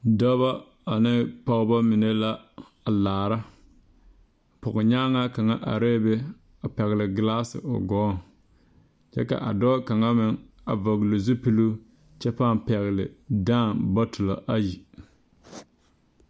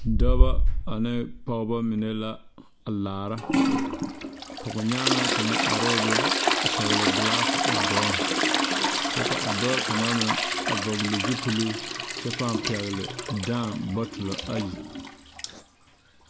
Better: first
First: none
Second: background sound (Trickle, dribble / Toilet flush); 4 dB above the speech

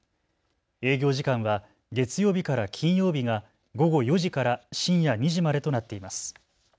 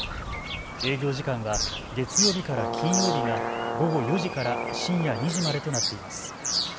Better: first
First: none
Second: background sound (Bird vocalization, bird call, bird song + Brass instrument); as loud as the speech

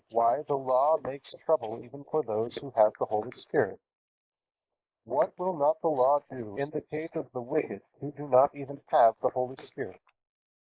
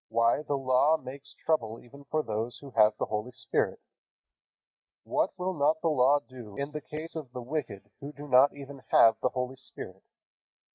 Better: second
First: noise reduction (neural mask model Resemble Enhance denoiser)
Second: none

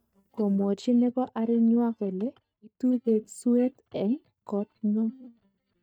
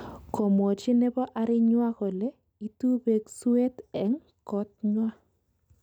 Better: second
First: noise reduction (neural mask model DeepFilterNet 3)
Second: none

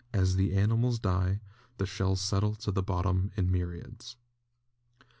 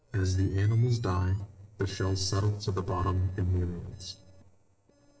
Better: first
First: none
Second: noise reduction (neural separator model SepFormer DNS4)

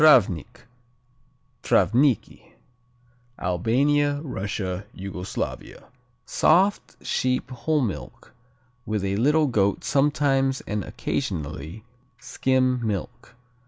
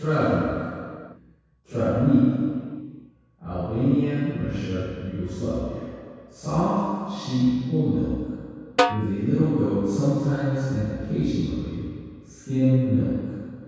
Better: first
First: none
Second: background sound (Snare drum); 3 dB below the speech // room echo; dies away in 2 s

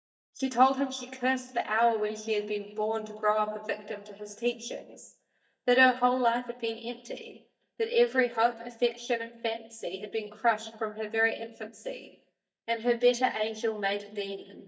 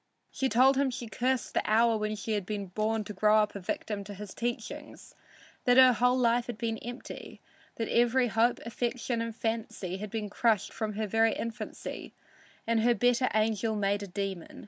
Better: second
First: noise reduction (neural mask model DeepFilterNet 3)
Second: none

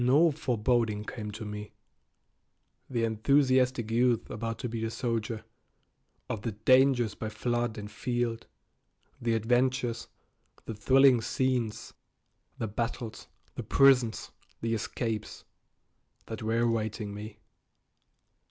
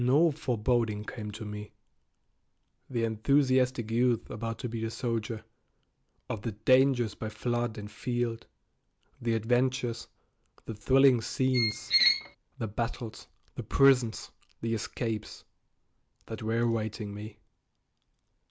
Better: first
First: none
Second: background sound (Squeak); 2 dB above the speech

